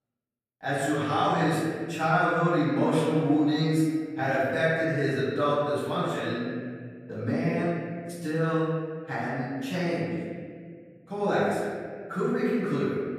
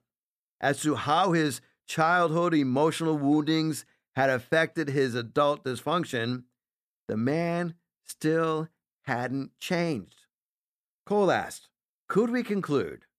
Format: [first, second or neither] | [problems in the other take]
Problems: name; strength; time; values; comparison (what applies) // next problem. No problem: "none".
second | off-mic speech; far // room echo; strong; dies away in 1.9 s